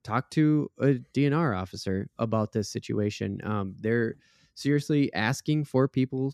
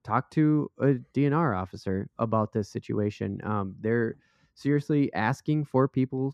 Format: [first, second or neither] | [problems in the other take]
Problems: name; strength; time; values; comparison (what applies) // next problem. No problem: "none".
first | muffled; slightly; fading above 2.5 kHz